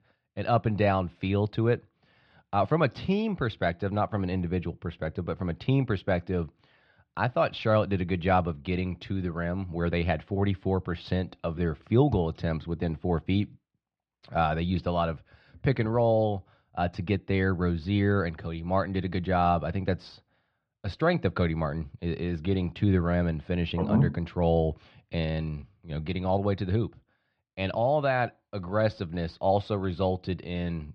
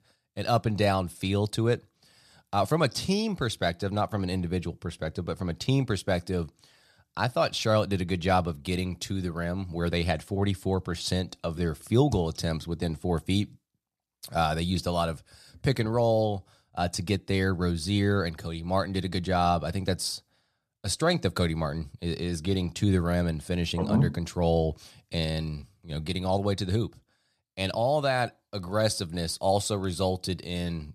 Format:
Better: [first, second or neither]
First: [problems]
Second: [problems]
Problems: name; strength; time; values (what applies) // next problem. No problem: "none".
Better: second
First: muffled; very; fading above 3 kHz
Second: none